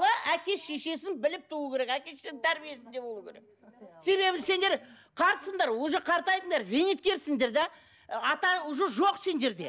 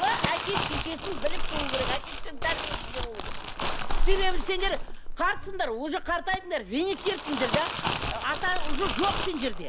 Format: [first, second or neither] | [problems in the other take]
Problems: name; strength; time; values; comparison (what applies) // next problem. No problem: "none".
first | background sound (Crumpling, crinkling); 3 dB above the speech